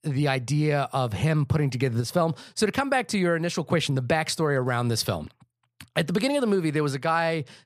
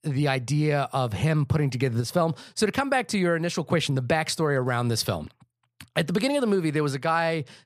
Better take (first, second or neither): neither